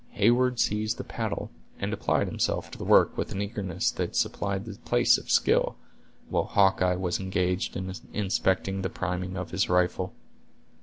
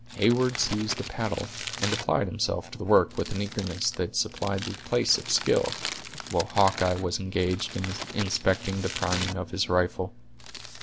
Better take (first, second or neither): first